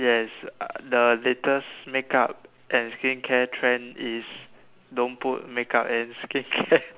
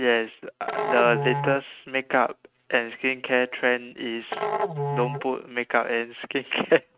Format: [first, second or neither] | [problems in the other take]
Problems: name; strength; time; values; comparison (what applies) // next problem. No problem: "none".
first | noise reduction (neural mask model RNNoise)